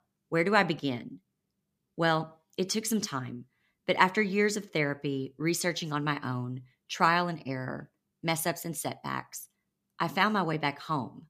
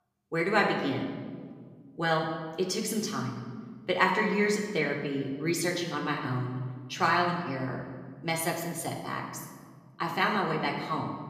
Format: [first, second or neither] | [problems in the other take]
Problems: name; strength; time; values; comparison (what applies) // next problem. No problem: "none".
first | room echo; noticeable; dies away in 1.4 s // off-mic speech; far